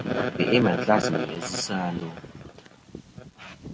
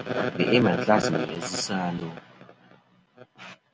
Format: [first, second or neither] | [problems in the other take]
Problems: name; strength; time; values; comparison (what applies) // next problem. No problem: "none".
second | background sound (Bird vocalization, bird call, bird song); 14 dB below the speech